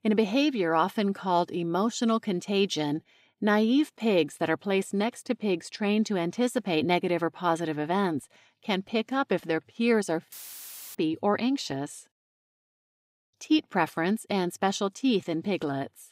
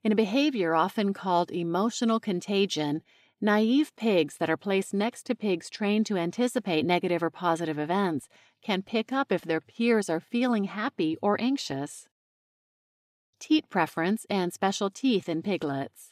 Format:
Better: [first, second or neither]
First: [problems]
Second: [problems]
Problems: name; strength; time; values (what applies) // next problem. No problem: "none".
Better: second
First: audio cutting out; filled with static; at 10 s for 0.5 s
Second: none